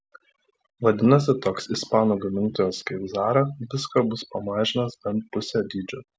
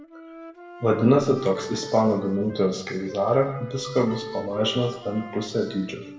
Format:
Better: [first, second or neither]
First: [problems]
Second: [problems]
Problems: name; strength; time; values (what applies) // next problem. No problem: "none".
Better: first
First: none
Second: background sound (Wind instrument, woodwind instrument); 15 dB below the speech // room echo; dies away in 1 s